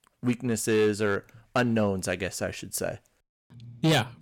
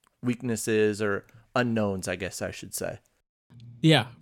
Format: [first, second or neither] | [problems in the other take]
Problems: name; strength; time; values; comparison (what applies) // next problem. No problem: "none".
second | distortion; slight; 4% of the sound clipped